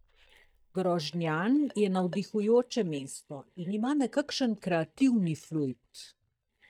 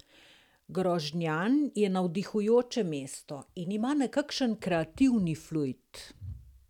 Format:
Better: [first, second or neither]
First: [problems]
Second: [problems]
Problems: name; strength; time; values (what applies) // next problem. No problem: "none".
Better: second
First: noise reduction (neural mask model DeepFilterNet 3)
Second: none